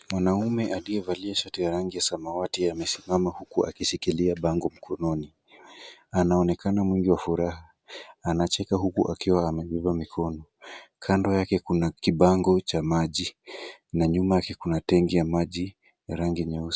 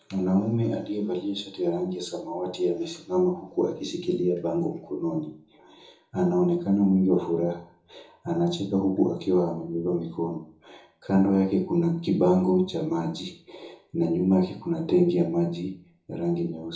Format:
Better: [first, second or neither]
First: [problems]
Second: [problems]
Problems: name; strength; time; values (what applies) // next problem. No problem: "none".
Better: first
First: none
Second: room echo; dies away in 1 s